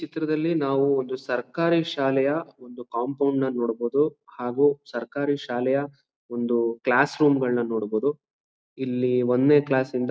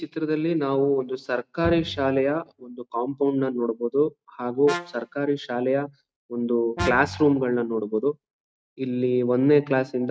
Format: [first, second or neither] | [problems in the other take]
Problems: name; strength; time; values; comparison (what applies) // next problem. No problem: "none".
first | noise reduction (neural mask model RNNoise)